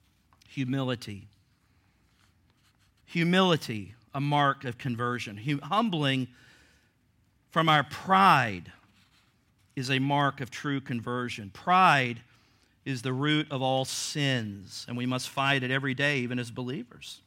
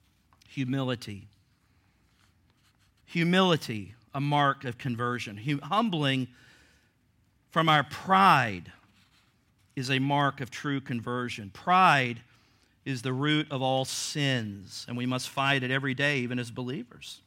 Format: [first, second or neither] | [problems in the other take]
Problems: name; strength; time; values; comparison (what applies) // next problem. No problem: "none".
neither | none